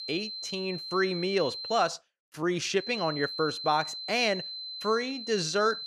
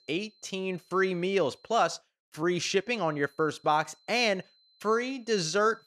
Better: second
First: high-pitched whine; loud; until 2 s and from 3 s on; 4 kHz, 7 dB below the speech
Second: high-pitched whine; faint; until 2 s and from 3 s on; 4 kHz, 35 dB below the speech

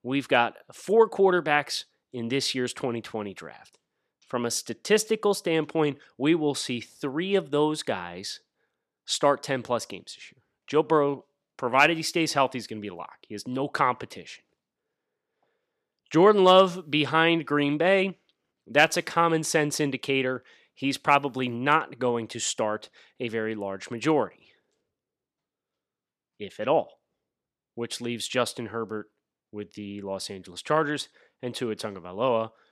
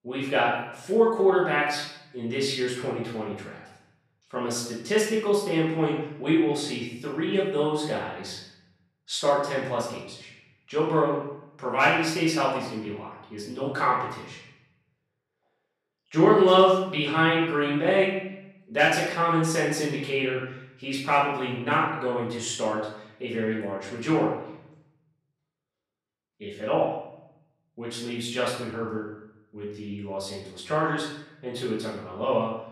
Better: first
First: none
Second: room echo; noticeable; dies away in 0.8 s // off-mic speech; far

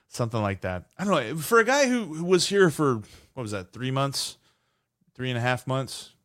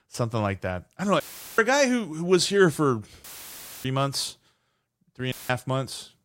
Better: first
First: none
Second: audio cutting out; filled with static; at 1 s, at 3 s for 0.5 s and at 5.5 s

